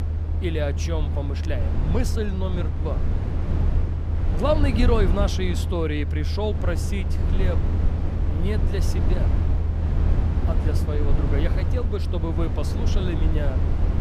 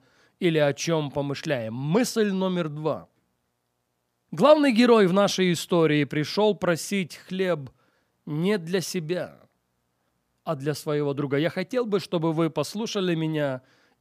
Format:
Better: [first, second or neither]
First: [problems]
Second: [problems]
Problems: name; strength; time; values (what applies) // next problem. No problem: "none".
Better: second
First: low rumble; loud; throughout; 6 dB below the speech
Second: none